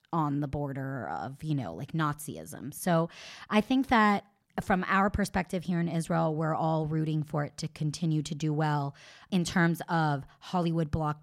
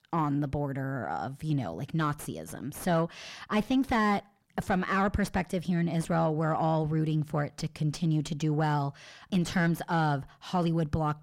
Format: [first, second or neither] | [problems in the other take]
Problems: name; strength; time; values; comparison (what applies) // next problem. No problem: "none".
first | distortion; slight; 10 dB below the speech